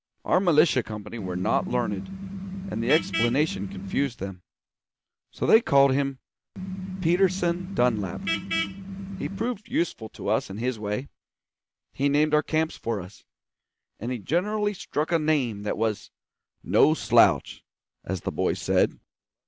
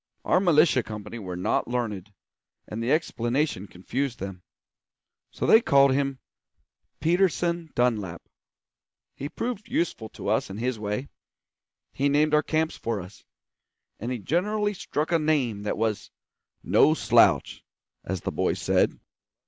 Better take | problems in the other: second | background sound (Vehicle horn, car horn, honking); 5 dB below the speech

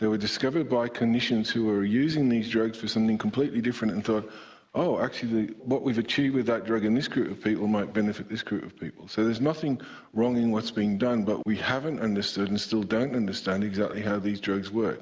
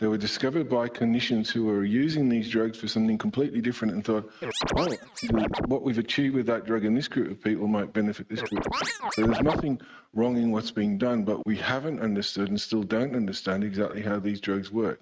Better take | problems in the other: first | noise reduction (neural mask model RNNoise)

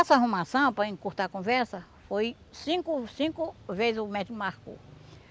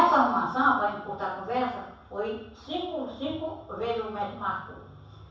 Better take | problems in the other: first | room echo; dies away in 0.7 s

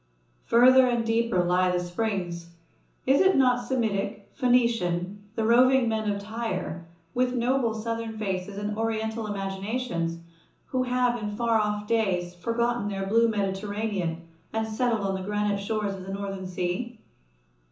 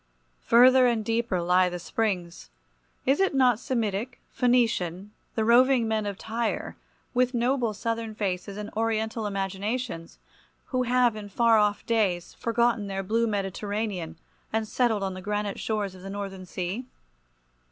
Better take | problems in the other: second | room echo; dies away in 0.7 s

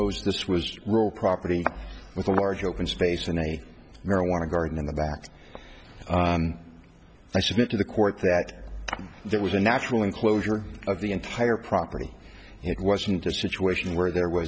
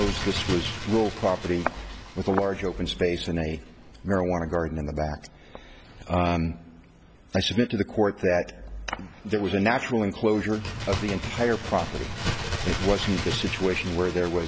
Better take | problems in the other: first | background sound (Bird); 9 dB below the speech

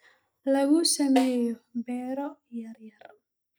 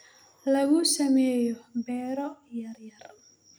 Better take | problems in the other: second | noise reduction (neural mask model DeepFilterNet 3)

